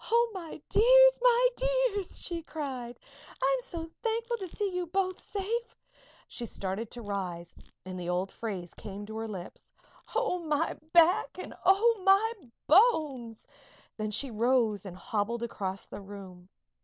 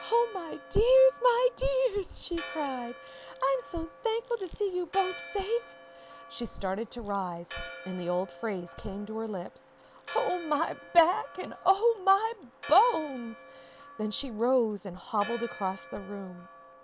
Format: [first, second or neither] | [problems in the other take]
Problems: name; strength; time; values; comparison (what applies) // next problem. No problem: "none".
first | background sound (Church bell); 17 dB below the speech